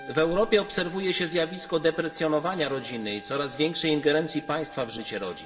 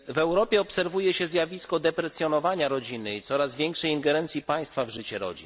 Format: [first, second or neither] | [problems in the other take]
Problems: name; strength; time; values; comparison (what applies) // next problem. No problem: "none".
second | background sound (Trumpet); 19 dB below the speech // room echo; dies away in 2.1 s